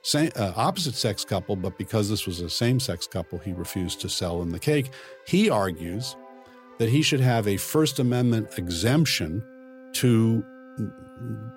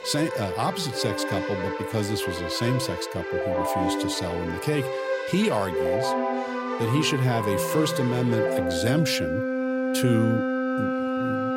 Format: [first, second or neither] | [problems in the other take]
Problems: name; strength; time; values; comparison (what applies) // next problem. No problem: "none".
first | background music; loud; throughout; 1 dB below the speech; faint in the first